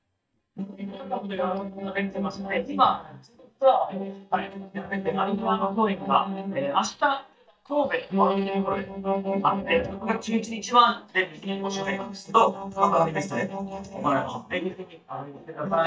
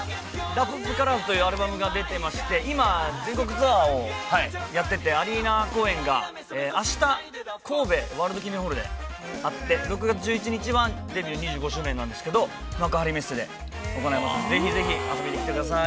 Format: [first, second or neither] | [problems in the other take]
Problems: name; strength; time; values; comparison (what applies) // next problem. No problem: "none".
second | noise reduction (neural mask model DeepFilterNet 3)